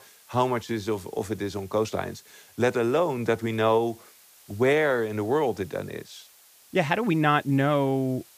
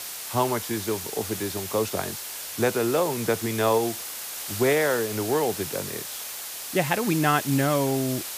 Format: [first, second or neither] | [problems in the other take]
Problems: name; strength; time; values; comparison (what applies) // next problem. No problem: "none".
first | hiss; loud; throughout; 6 dB below the speech; faint in the first